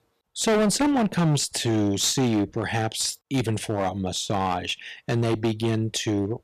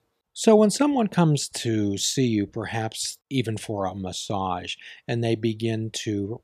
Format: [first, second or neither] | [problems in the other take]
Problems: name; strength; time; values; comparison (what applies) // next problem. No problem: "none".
second | distortion; heavy; 13% of the sound clipped